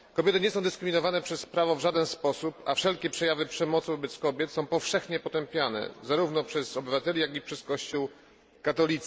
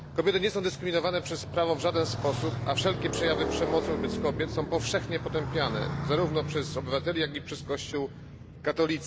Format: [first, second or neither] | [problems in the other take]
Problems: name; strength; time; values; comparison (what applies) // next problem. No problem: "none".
first | background sound (Motorcycle); 5 dB below the speech